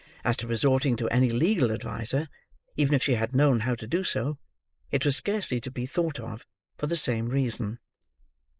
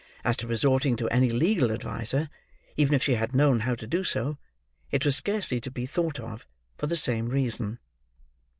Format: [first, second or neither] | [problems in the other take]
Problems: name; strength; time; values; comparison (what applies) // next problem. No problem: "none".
second | noise reduction (neural mask model Resemble Enhance denoiser)